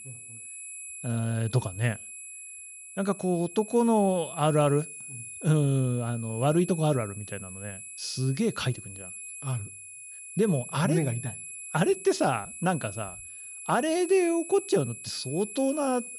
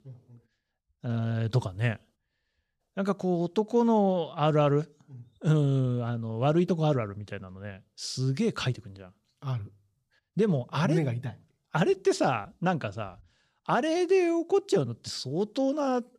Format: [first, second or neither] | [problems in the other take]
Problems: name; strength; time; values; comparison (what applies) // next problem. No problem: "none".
second | high-pitched whine; noticeable; throughout; 11 kHz, 10 dB below the speech